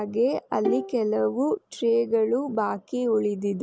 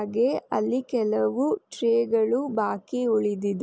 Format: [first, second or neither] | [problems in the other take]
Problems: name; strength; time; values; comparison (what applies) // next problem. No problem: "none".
second | background sound (Bowed string instrument); 8 dB below the speech